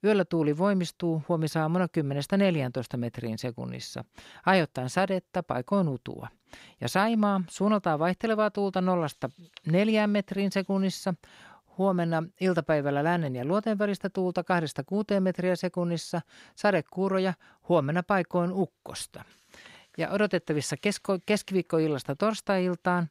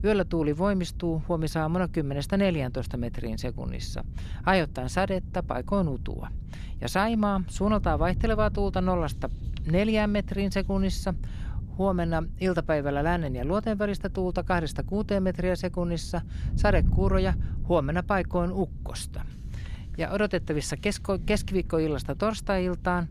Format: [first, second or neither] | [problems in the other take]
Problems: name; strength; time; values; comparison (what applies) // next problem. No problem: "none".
first | wind noise on the microphone; occasional gusts; 20 dB below the speech